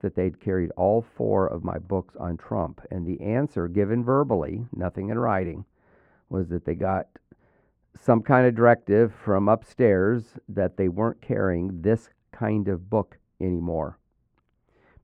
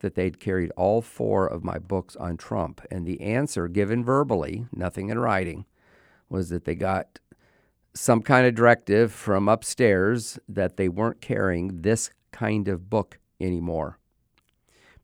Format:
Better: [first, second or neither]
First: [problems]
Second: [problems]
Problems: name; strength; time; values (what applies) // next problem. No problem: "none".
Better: second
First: muffled; very; fading above 3 kHz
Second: none